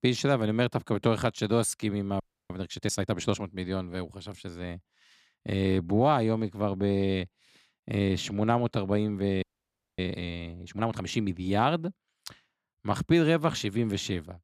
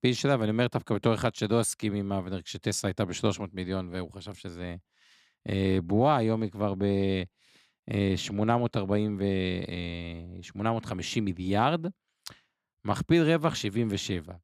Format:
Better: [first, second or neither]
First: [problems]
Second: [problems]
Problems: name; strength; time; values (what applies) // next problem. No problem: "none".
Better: second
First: audio freezing; at 2 s and at 9.5 s for 0.5 s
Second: none